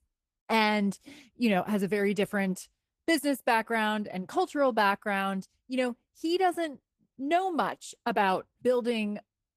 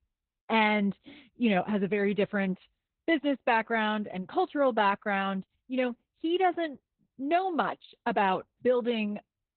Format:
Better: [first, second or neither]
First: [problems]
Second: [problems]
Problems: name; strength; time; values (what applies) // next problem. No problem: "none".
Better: first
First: garbled, watery; slightly; nothing above 14.5 kHz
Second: garbled, watery; badly; nothing above 4 kHz